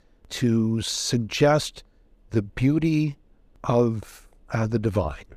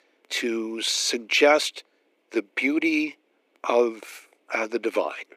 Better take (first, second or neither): first